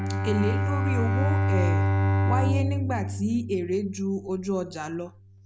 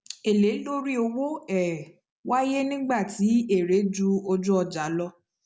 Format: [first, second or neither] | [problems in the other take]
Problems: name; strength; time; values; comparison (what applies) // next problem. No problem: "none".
second | background sound (Bowed string instrument); 4 dB above the speech